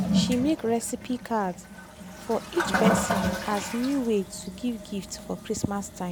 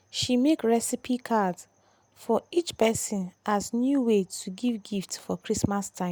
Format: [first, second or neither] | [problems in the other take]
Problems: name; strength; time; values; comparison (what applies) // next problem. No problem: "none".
second | background sound (Toilet flush); 1 dB below the speech